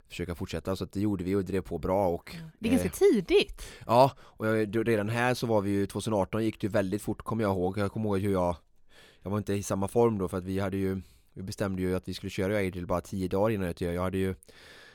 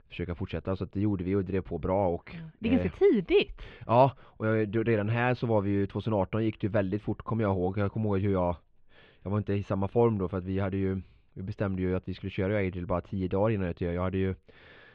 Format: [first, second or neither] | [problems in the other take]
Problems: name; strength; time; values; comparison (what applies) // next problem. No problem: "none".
first | muffled; slightly; fading above 3 kHz